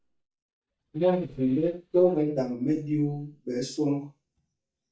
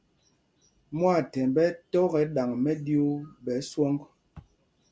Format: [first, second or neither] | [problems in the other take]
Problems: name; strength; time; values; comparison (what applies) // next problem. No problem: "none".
second | noise reduction (neural mask model DeepFilterNet 3)